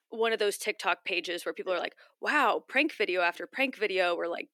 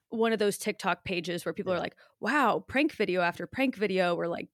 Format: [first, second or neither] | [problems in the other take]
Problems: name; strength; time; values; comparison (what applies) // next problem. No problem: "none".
second | thin; somewhat; fading below 300 Hz